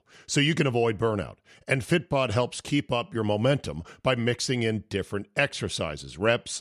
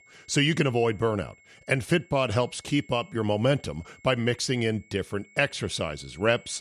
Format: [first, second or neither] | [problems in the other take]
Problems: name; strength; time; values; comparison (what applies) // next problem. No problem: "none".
first | high-pitched whine; faint; throughout; 2 kHz, 25 dB below the speech